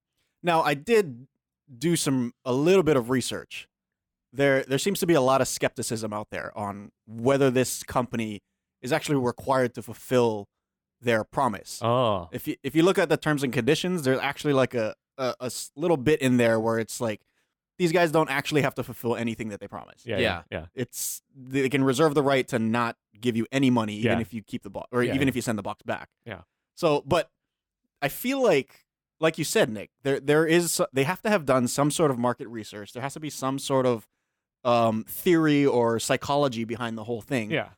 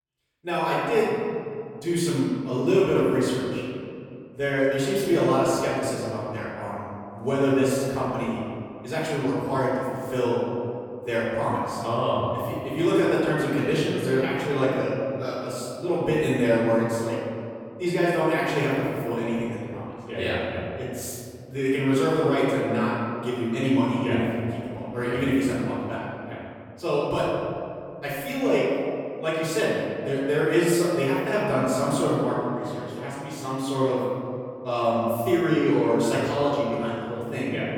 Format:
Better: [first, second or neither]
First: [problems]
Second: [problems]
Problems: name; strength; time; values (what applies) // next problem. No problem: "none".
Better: first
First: none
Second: room echo; strong; dies away in 2.2 s // off-mic speech; far